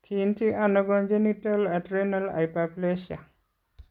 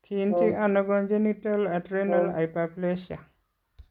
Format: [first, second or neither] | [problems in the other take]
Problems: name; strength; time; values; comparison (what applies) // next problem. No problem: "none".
first | background sound (Brass instrument); 4 dB below the speech